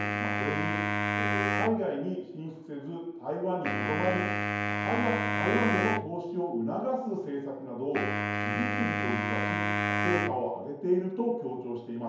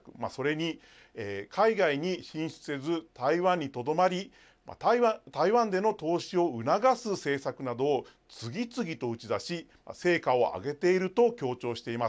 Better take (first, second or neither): second